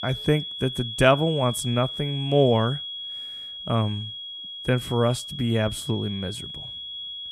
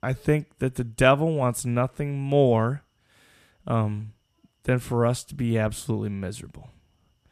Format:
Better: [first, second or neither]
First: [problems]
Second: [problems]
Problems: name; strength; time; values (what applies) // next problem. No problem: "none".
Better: second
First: high-pitched whine; loud; throughout; 3.5 kHz, 8 dB below the speech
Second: none